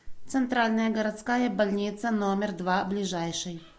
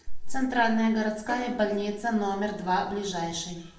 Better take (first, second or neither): first